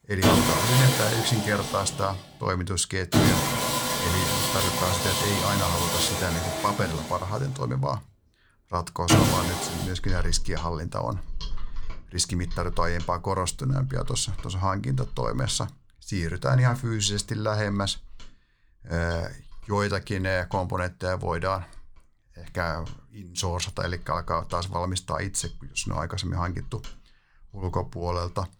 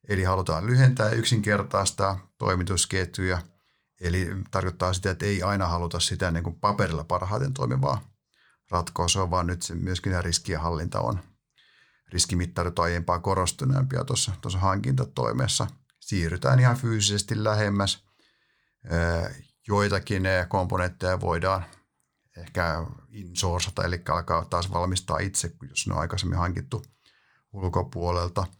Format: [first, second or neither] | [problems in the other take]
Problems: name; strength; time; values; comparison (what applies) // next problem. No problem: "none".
second | machinery noise; very loud; throughout; 2 dB above the speech